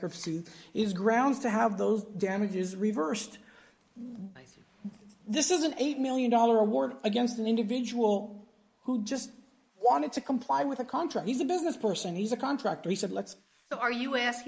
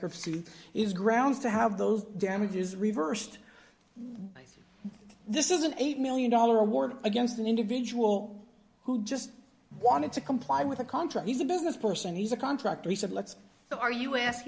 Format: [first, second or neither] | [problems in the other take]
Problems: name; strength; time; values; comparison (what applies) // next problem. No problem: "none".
second | noise reduction (neural mask model Resemble Enhance denoiser)